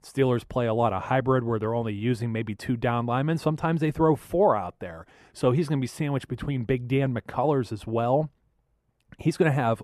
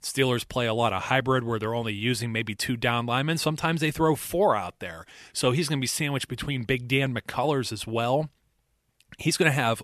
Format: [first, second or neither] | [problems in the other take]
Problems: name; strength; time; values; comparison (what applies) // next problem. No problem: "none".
second | muffled; slightly; fading above 1.5 kHz